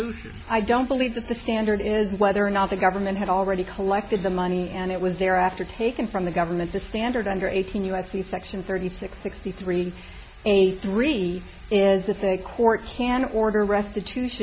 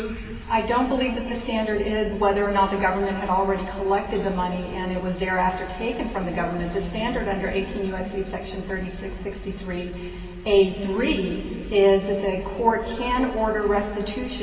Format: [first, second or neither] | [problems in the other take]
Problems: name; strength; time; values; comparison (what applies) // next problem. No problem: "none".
first | room echo; dies away in 2.5 s